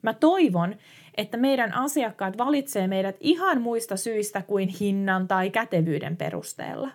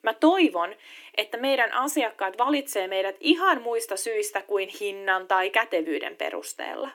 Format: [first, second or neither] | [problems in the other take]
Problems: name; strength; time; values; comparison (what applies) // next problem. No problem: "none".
first | thin; somewhat; fading below 300 Hz